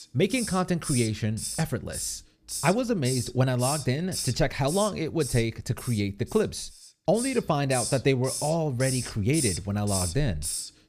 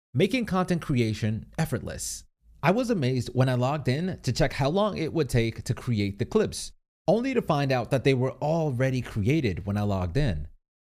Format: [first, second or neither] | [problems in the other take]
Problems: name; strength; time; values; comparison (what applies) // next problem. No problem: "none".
second | hiss; loud; throughout; 6 dB below the speech